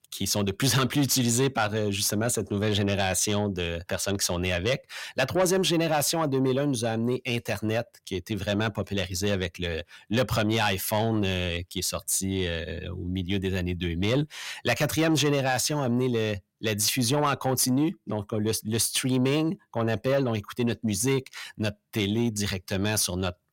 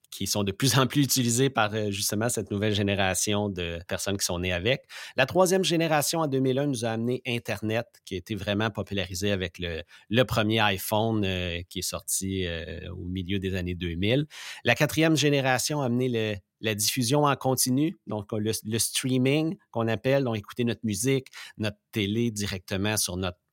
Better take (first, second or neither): second